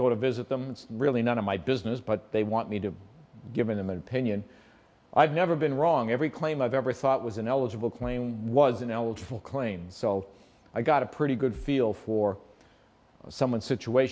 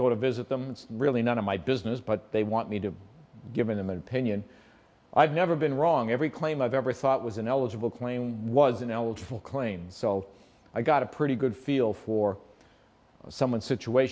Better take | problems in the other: second | background sound (Bass drum); 15 dB below the speech

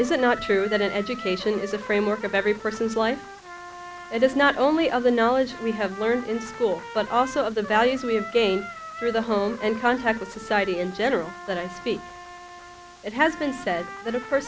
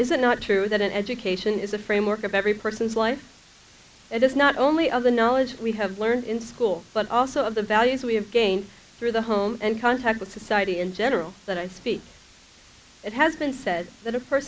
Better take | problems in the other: second | background sound (Trumpet); 14 dB below the speech

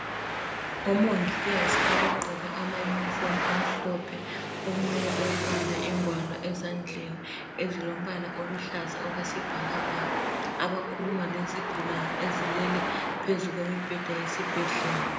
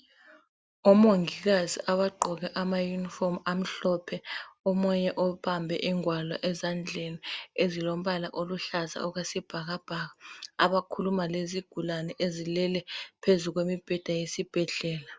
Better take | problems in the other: second | background sound (Traffic noise, roadway noise); 1 dB above the speech // room echo; dies away in 0.8 s

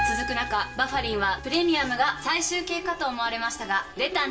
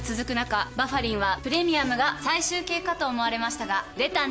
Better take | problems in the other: second | background sound (Piano); 10 dB below the speech // room echo; dies away in 0.2 s

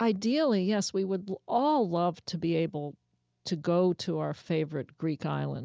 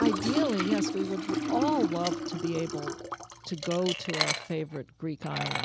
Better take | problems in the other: first | background sound (Liquid); as loud as the speech

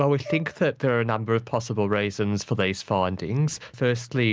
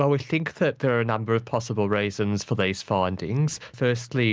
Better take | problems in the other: second | background sound (Brass instrument); 17 dB below the speech

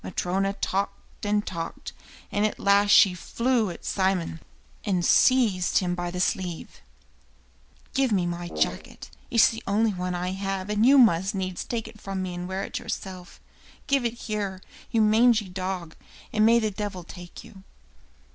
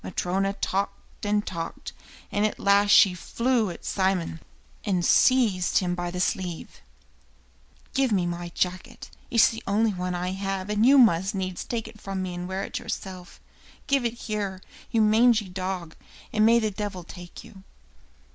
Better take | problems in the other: second | background sound (Brass instrument); 13 dB below the speech

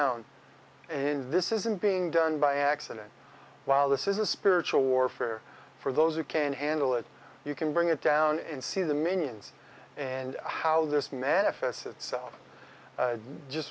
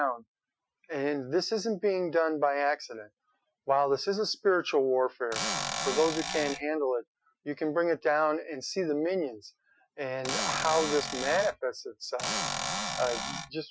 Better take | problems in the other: first | noise reduction (classical method Wiener filter)

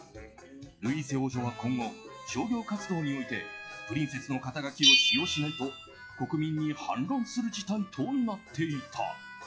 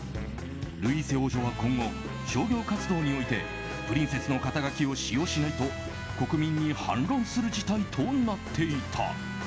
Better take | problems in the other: second | noise reduction (classical method log-MMSE)

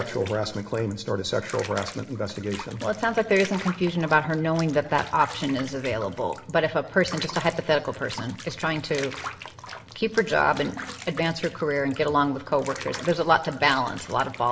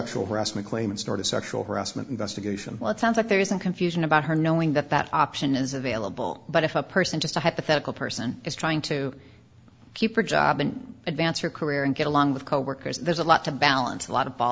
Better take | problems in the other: second | background sound (Bathtub (filling or washing) / Water); 15 dB below the speech // room echo; dies away in 1.3 s

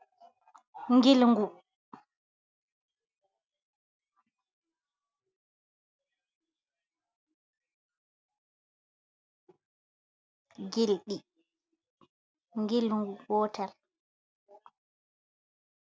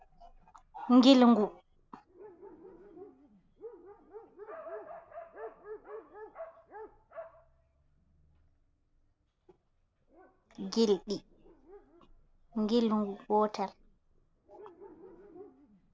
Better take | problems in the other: first | background sound (Dog); 19 dB below the speech

